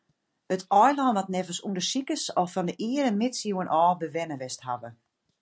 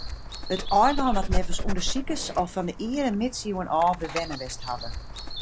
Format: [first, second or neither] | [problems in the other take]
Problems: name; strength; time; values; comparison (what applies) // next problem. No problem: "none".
first | background sound (Dog); 2 dB below the speech